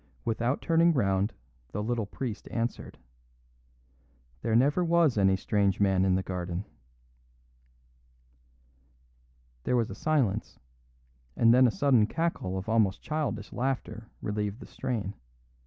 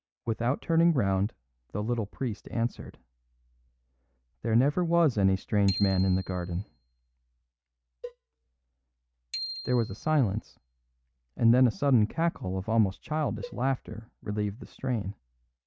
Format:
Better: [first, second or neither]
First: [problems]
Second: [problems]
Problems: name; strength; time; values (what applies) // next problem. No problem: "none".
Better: first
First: none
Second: noise reduction (neural mask model RNNoise)